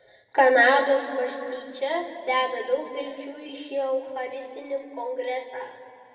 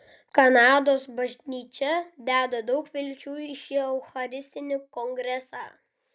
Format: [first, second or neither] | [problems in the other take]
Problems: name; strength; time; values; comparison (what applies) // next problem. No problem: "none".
second | room echo; dies away in 2.2 s